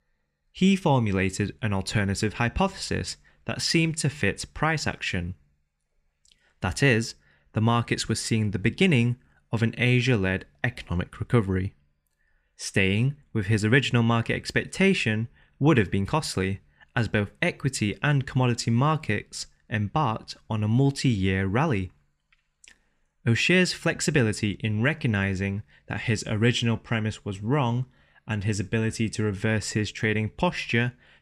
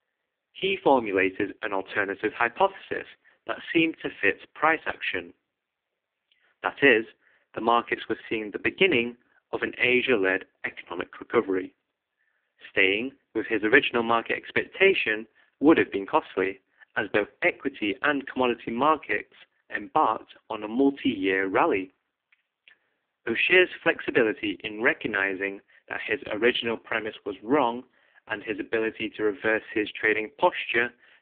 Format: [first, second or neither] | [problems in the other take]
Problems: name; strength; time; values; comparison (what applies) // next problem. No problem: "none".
first | phone-call audio; poor line